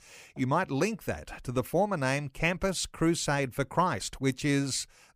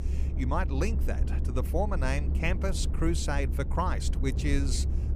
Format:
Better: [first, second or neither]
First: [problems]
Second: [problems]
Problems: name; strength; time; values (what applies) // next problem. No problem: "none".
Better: first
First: none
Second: low rumble; noticeable; throughout; 10 dB below the speech